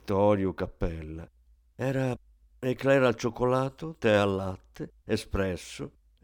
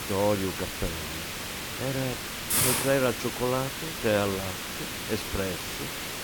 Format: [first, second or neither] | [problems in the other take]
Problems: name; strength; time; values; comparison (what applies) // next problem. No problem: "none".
first | hiss; loud; throughout; 1 dB below the speech